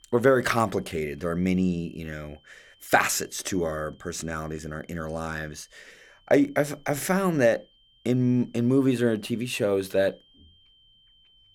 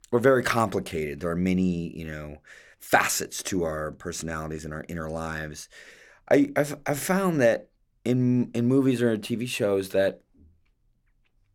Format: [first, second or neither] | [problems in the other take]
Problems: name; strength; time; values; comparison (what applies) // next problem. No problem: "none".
second | high-pitched whine; faint; throughout; 3 kHz, 35 dB below the speech